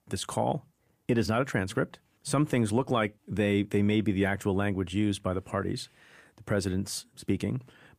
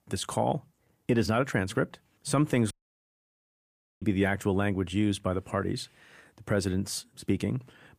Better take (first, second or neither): first